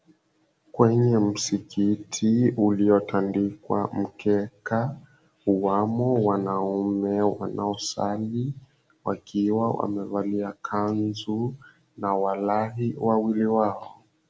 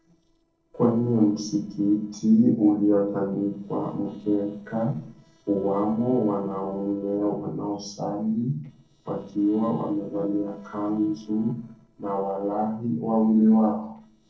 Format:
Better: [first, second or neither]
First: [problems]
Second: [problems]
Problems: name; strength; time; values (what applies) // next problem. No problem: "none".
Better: first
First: none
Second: noise reduction (neural separator model SepFormer DNS4)